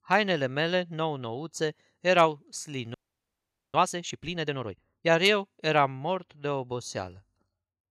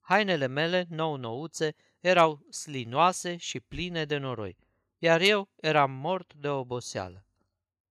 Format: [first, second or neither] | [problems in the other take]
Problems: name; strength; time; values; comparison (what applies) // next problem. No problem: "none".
second | audio freezing; at 3 s for 1 s